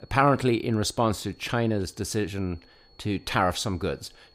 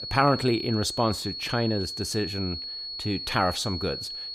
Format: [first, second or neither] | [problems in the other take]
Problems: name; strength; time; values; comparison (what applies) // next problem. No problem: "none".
first | high-pitched whine; loud; throughout; 4.5 kHz, 5 dB below the speech; faint in the first